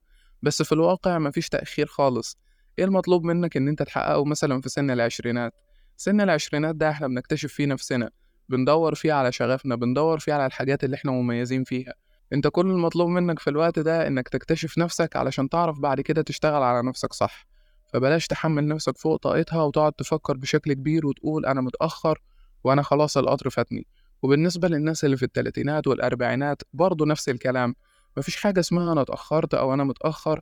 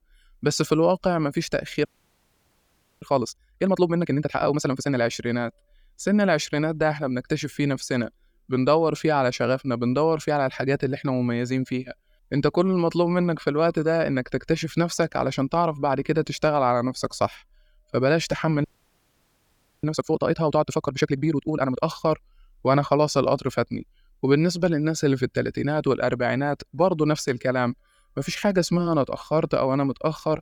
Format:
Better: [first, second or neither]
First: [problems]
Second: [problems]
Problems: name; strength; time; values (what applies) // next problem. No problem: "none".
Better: first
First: none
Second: audio freezing; at 2 s for 1 s and at 19 s for 1 s